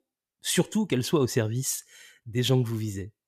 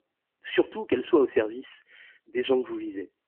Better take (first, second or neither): first